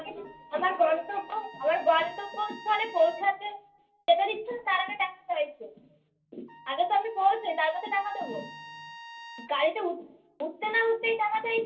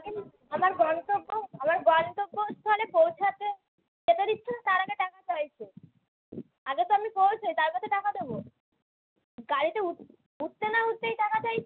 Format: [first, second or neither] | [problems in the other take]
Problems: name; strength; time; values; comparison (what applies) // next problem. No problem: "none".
second | background sound (Trumpet); 18 dB below the speech // room echo; dies away in 0.3 s